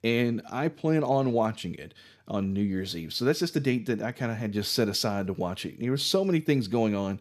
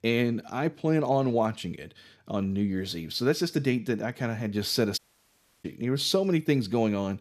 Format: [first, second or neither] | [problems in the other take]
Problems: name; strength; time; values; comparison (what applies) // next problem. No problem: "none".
first | audio cutting out; at 5 s for 0.5 s